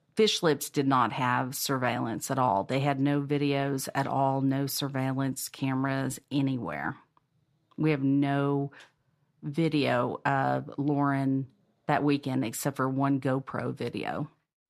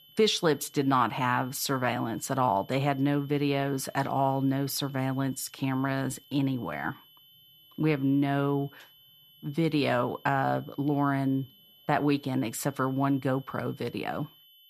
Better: first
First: none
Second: high-pitched whine; faint; throughout; 3 kHz, 25 dB below the speech

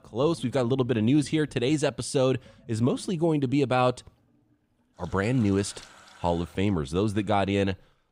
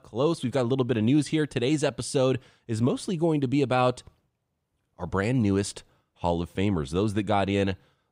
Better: second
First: household noises; faint; throughout; 25 dB below the speech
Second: none

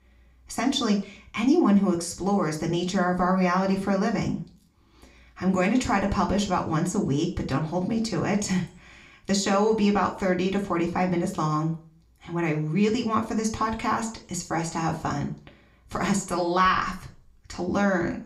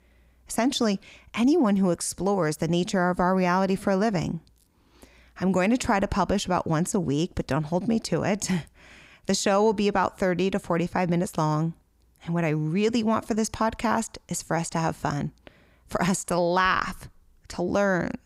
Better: second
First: room echo; very slight; dies away in 0.4 s // off-mic speech; somewhat distant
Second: none

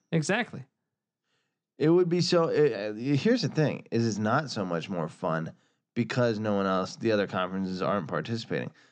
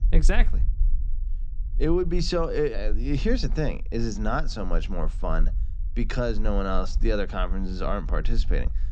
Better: first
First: none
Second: low rumble; faint; throughout; 25 dB below the speech

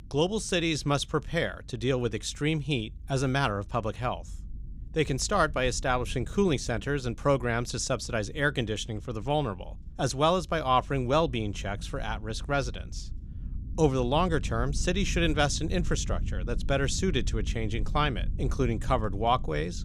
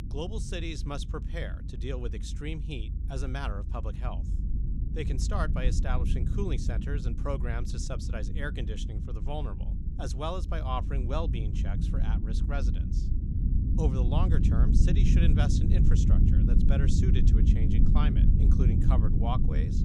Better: first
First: low rumble; faint; throughout; 25 dB below the speech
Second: low rumble; loud; throughout; 3 dB below the speech

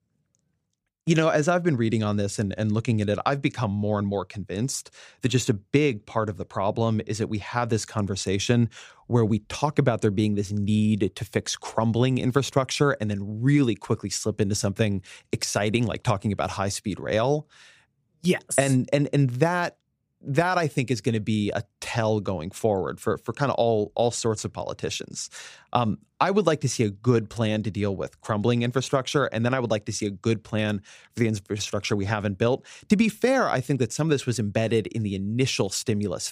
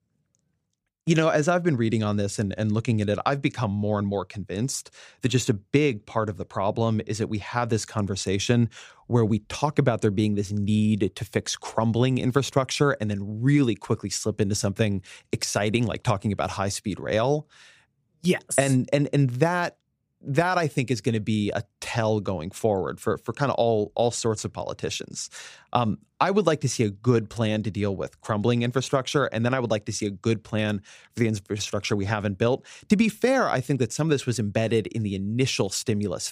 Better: neither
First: none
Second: none

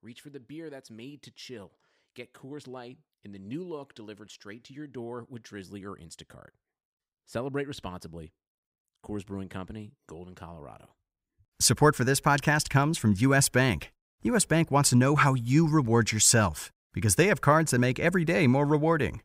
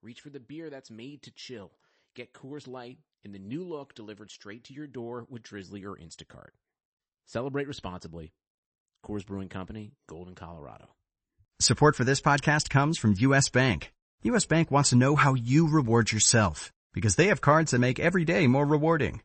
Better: first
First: none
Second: garbled, watery; slightly; nothing above 8 kHz

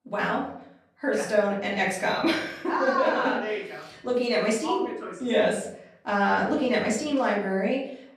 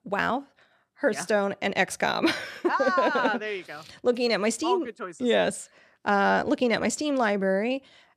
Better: second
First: off-mic speech; far // room echo; noticeable; dies away in 0.6 s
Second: none

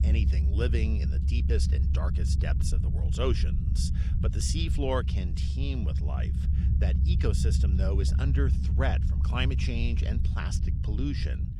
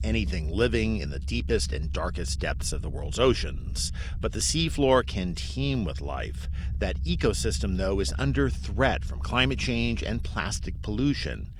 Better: second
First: low rumble; loud; throughout; 6 dB below the speech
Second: low rumble; faint; throughout; 20 dB below the speech

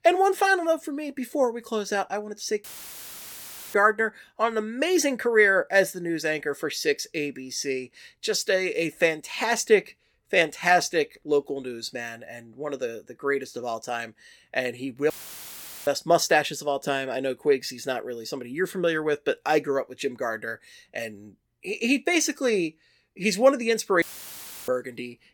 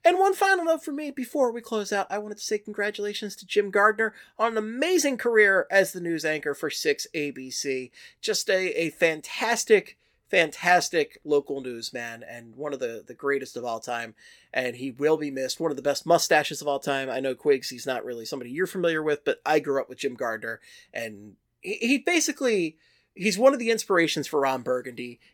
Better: second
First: audio cutting out; filled with static; at 2.5 s for 1 s, at 15 s for 1 s and at 24 s for 0.5 s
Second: none

